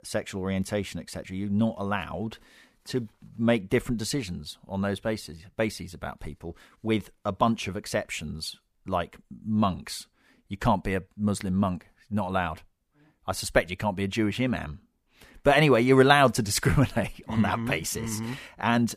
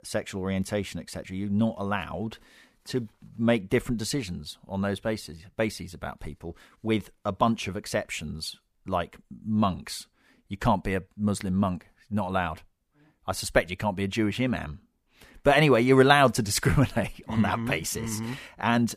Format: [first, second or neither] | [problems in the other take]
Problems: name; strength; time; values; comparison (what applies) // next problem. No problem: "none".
neither | none